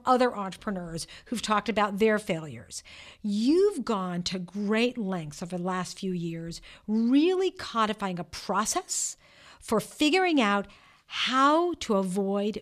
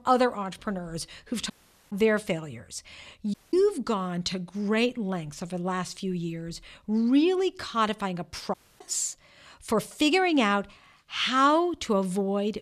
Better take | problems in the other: first | audio cutting out; at 1.5 s, at 3.5 s and at 8.5 s

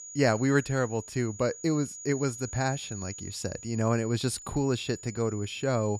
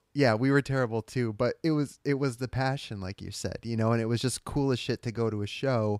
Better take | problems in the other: second | high-pitched whine; noticeable; throughout; 7 kHz, 10 dB below the speech

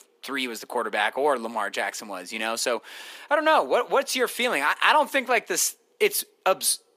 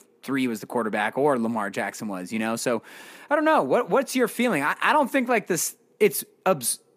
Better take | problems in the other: second | thin; somewhat; fading below 450 Hz

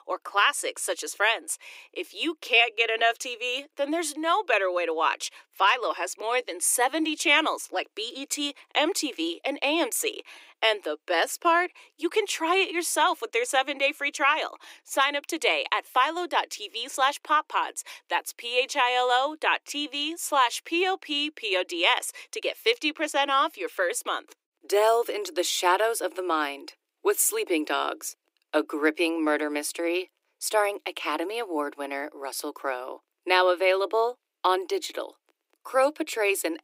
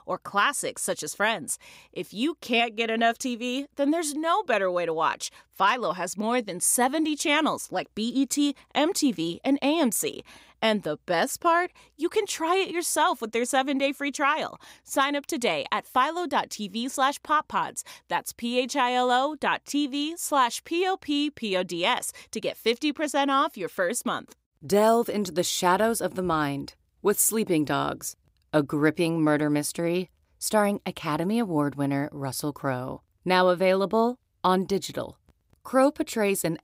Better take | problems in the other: second | thin; somewhat; fading below 300 Hz

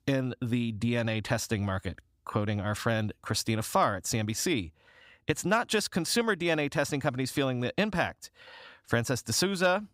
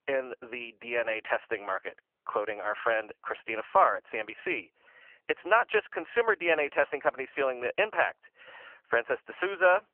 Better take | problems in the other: first | phone-call audio; poor line; nothing above 3 kHz

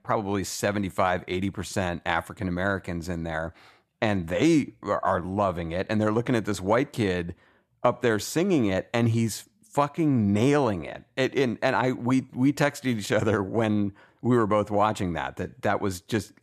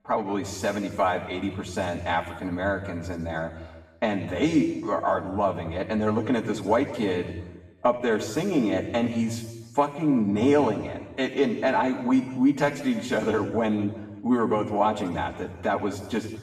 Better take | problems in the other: first | room echo; noticeable; dies away in 1.2 s // off-mic speech; far

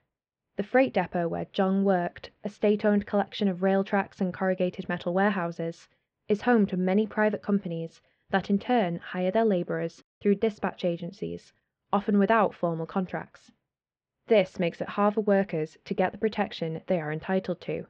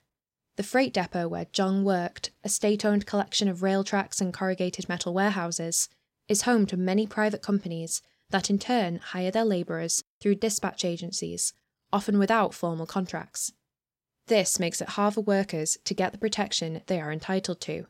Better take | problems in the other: second | muffled; very; fading above 3 kHz

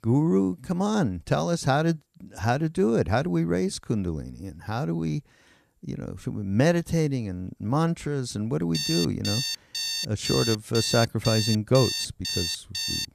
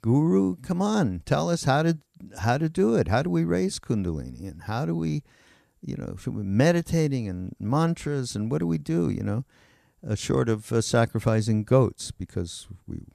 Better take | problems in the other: second | alarm; noticeable; from 8.5 s on; peak 1 dB below the speech

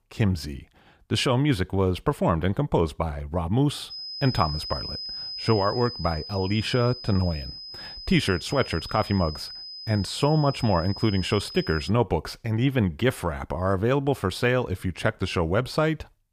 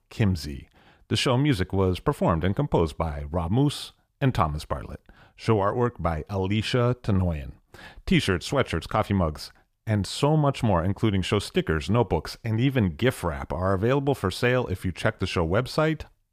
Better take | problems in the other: second | high-pitched whine; loud; from 4 to 12 s; 5 kHz, 10 dB below the speech

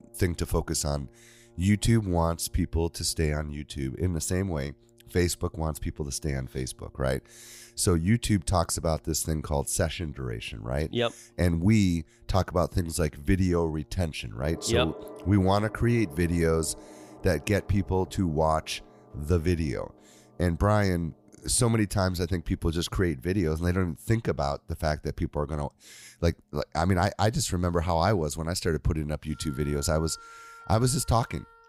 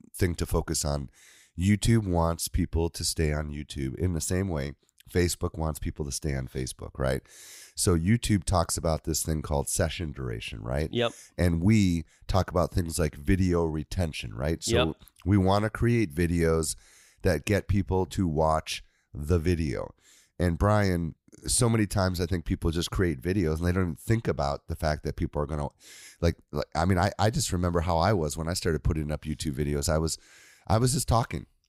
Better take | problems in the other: second | background music; faint; throughout; 25 dB below the speech

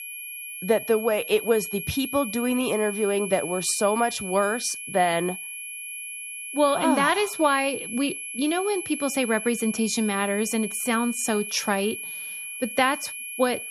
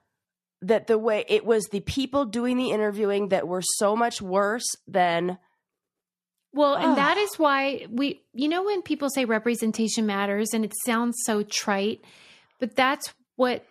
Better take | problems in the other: second | high-pitched whine; loud; throughout; 2.5 kHz, 8 dB below the speech

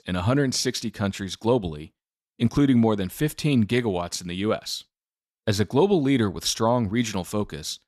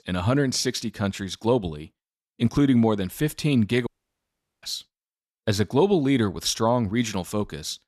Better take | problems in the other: first | audio cutting out; at 4 s for 1 s

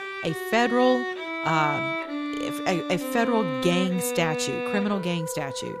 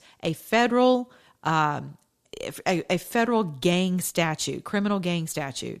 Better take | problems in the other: second | background music; loud; throughout; 4 dB below the speech

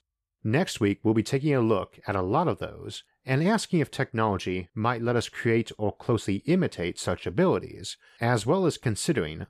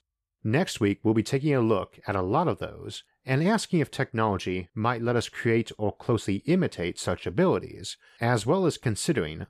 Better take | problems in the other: neither | none

